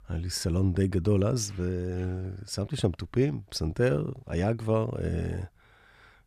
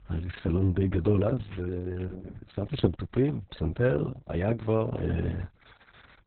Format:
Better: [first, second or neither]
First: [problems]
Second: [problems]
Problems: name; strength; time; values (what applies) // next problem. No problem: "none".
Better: first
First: none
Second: garbled, watery; badly; nothing above 4 kHz